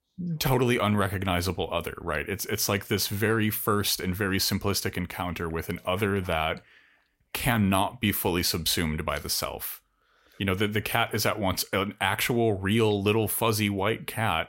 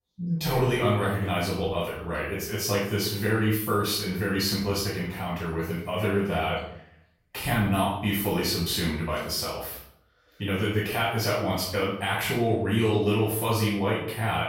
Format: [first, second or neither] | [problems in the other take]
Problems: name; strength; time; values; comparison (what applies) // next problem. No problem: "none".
first | off-mic speech; far // room echo; noticeable; dies away in 0.6 s